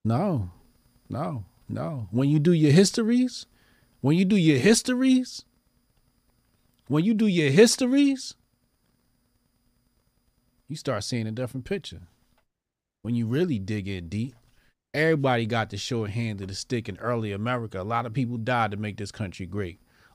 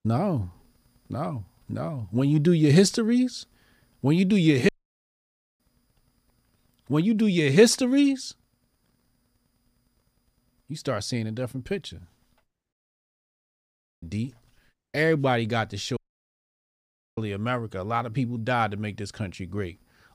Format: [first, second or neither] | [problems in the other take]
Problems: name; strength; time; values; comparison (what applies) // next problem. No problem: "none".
first | audio cutting out; at 4.5 s for 1 s, at 13 s for 1.5 s and at 16 s for 1 s